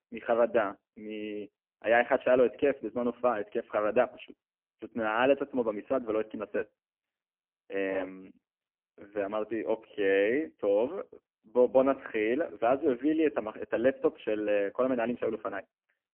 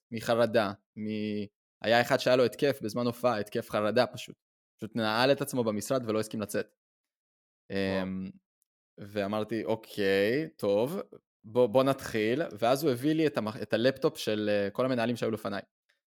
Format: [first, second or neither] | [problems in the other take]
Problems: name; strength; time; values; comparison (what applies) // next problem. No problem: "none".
second | phone-call audio; poor line; nothing above 3 kHz